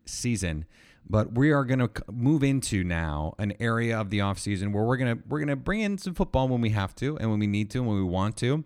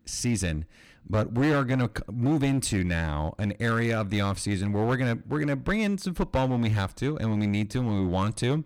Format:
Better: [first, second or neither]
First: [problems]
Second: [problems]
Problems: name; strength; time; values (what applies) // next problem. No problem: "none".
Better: first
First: none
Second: distortion; slight; 9% of the sound clipped